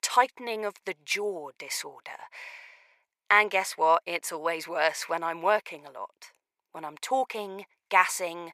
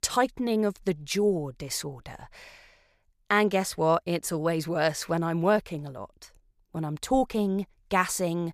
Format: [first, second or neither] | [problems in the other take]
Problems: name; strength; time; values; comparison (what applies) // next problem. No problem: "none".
second | thin; very; fading below 600 Hz